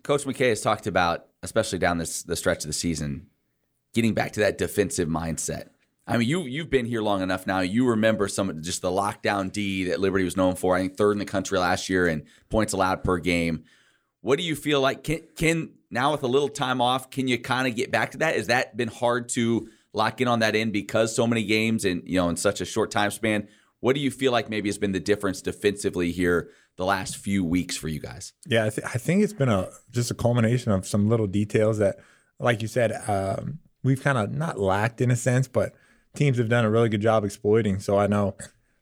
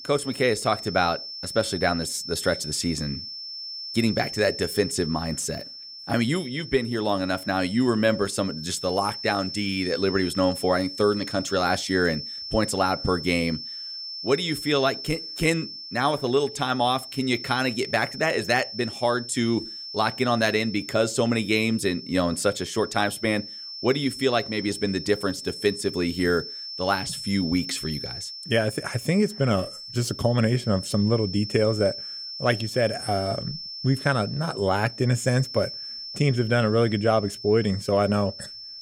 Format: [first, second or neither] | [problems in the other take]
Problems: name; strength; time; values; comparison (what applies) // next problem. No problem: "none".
first | high-pitched whine; loud; throughout; 5.5 kHz, 10 dB below the speech